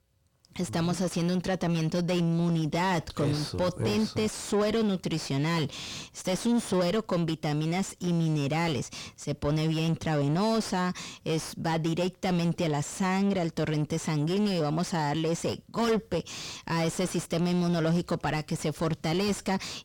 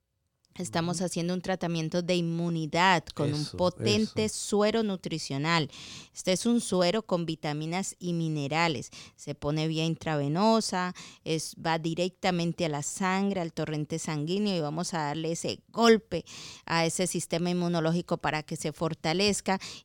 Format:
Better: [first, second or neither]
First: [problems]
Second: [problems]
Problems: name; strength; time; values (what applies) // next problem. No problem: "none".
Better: second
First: distortion; heavy; 6 dB below the speech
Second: none